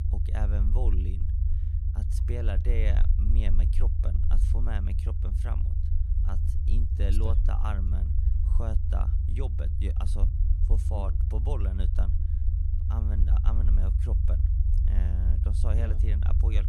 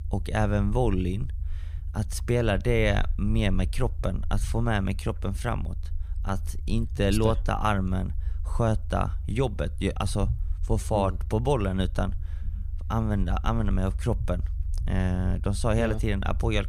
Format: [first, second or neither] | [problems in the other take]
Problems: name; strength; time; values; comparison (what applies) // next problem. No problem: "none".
second | low rumble; loud; throughout; 3 dB below the speech; faint in the second